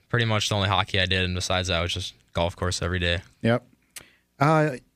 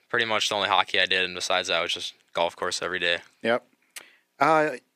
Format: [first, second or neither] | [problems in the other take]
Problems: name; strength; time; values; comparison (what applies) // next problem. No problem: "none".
first | thin; very; fading below 350 Hz